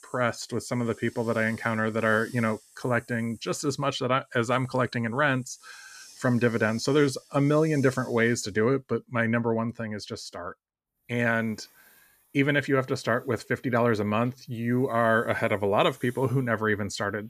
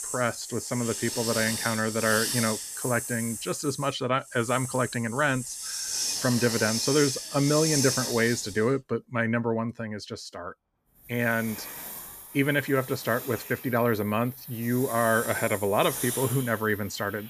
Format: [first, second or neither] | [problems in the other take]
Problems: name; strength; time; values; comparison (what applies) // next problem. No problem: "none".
first | hiss; loud; throughout; 5 dB below the speech; faint in the first